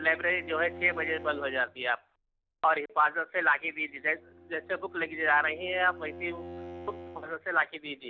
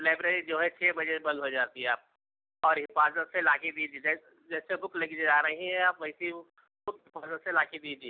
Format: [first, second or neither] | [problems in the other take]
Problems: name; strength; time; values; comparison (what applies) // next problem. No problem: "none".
second | background sound (Bowed string instrument); 16 dB below the speech